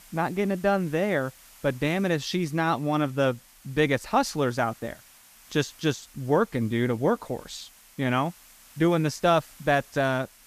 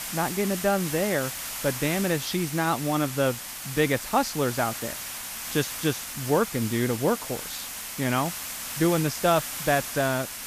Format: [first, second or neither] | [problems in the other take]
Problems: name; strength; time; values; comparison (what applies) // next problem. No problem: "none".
first | hiss; loud; throughout; 6 dB below the speech; faint in the first